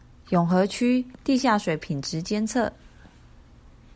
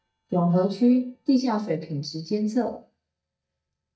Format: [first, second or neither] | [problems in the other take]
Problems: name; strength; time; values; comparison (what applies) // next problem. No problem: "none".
first | noise reduction (neural mask model DeepFilterNet 3)